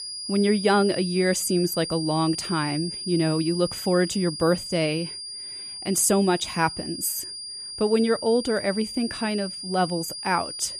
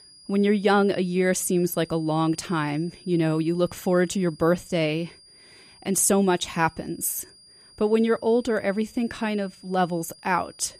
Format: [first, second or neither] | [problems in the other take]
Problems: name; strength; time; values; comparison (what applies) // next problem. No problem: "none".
second | high-pitched whine; loud; throughout; 5 kHz, 8 dB below the speech; faint in the second